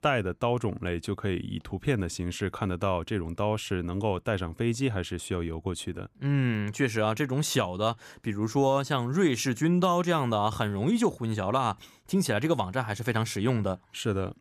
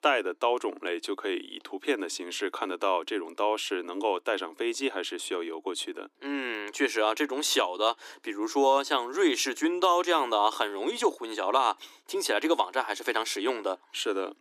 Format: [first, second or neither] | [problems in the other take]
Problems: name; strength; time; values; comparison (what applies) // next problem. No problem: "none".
first | thin; somewhat; fading below 300 Hz